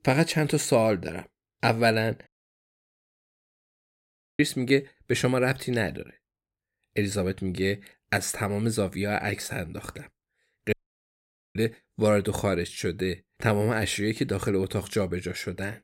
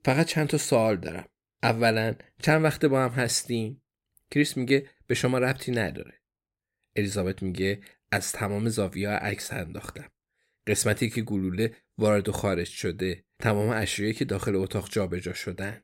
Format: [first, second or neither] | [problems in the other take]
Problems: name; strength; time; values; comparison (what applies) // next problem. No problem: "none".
second | audio cutting out; at 2.5 s for 2 s and at 11 s for 1 s